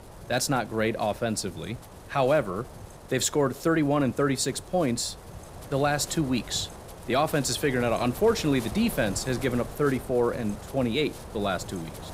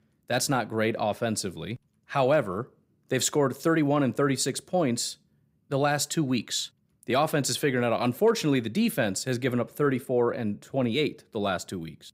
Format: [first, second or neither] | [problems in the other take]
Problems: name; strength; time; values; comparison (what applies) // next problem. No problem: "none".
second | wind noise on the microphone; occasional gusts; 15 dB below the speech